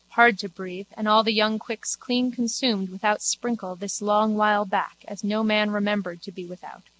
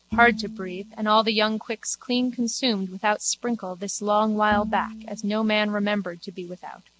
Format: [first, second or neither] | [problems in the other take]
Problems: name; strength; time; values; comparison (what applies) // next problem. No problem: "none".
first | background sound (Bowed string instrument); 12 dB below the speech